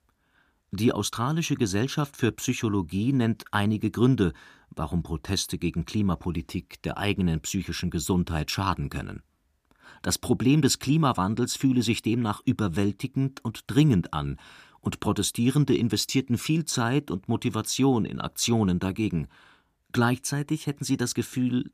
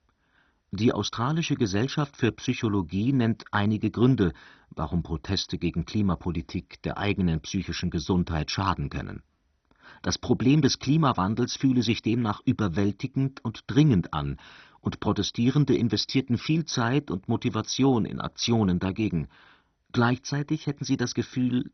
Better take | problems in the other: first | garbled, watery; badly; nothing above 6 kHz

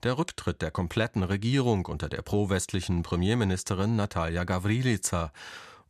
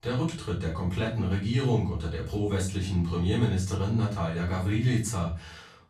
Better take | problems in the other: first | room echo; slight; dies away in 0.4 s // off-mic speech; far

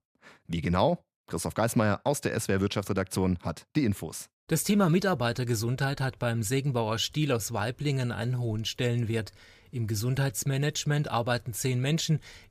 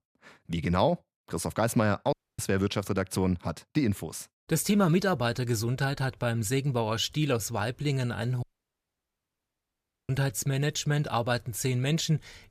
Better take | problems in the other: first | audio cutting out; at 2 s and at 8.5 s for 1.5 s

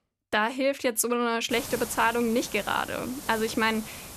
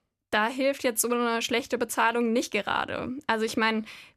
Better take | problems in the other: second | hiss; noticeable; from 1.5 s on; 10 dB below the speech

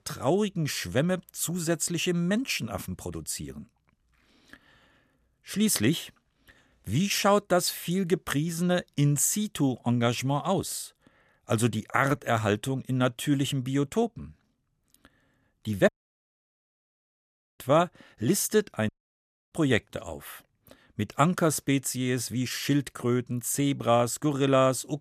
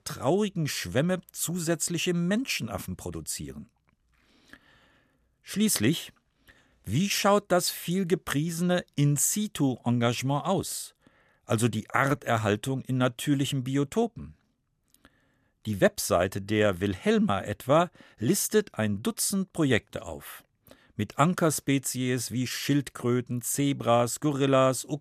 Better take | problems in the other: second | audio cutting out; at 16 s for 1.5 s and at 19 s for 0.5 s

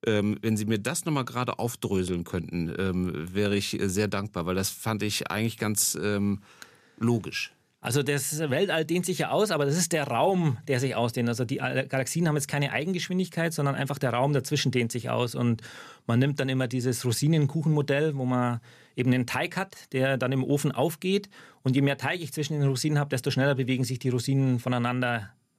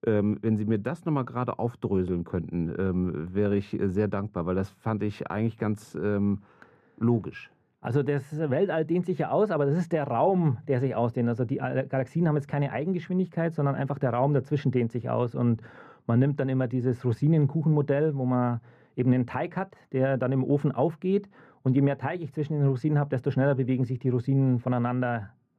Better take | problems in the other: first | muffled; very; fading above 3 kHz

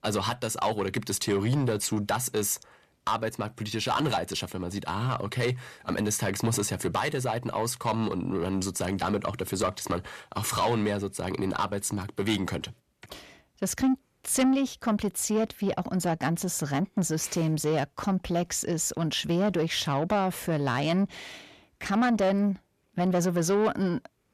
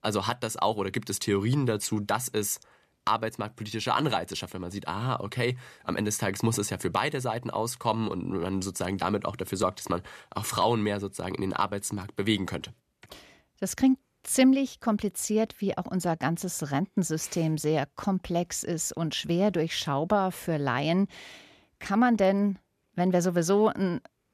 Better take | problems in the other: second | distortion; slight; 10 dB below the speech

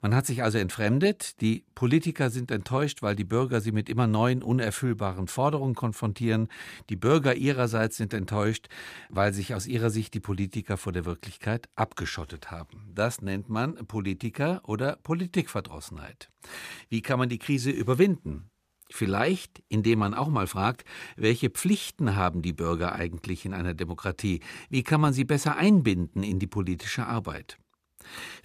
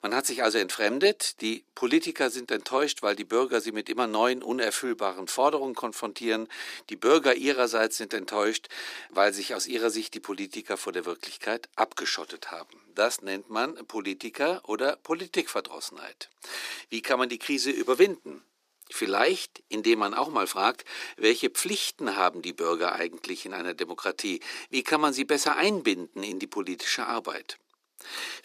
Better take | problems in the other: first | thin; somewhat; fading below 300 Hz

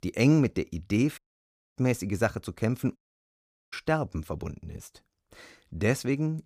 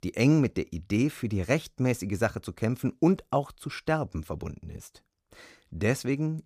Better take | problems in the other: second | audio cutting out; at 1 s for 0.5 s and at 3 s for 1 s

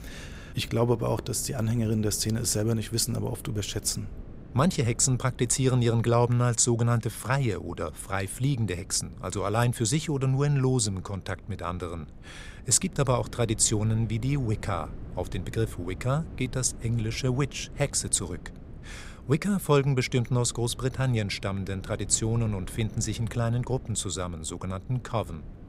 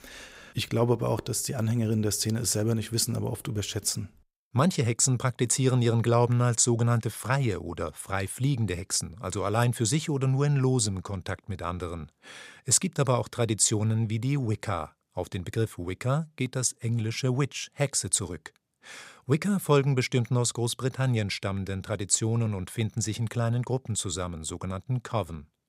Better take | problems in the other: second | wind noise on the microphone; occasional gusts; 20 dB below the speech

